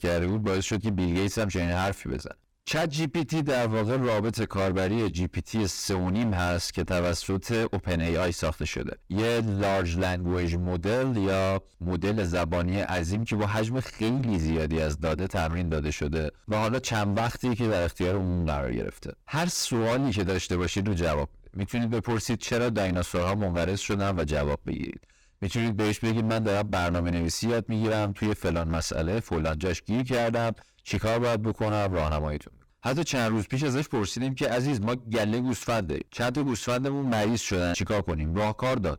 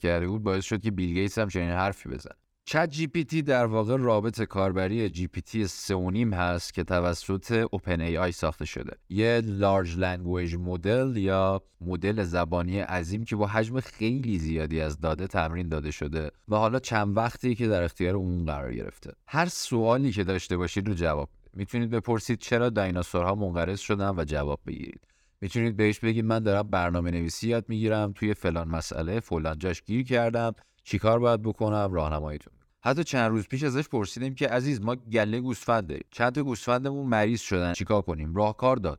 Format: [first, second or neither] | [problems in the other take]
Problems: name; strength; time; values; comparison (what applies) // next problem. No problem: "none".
second | distortion; heavy; 23% of the sound clipped